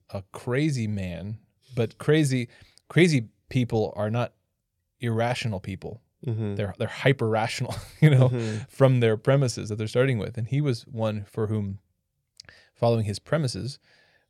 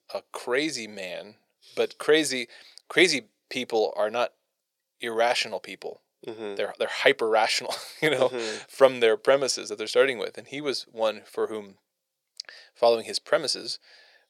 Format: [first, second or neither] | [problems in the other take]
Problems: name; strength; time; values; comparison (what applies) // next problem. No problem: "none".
first | thin; very; fading below 400 Hz